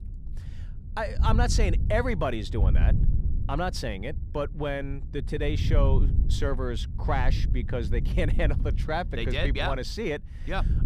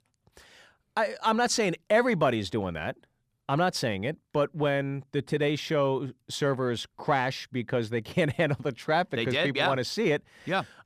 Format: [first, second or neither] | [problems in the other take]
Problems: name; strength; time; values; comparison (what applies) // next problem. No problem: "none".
second | wind noise on the microphone; occasional gusts; 15 dB below the speech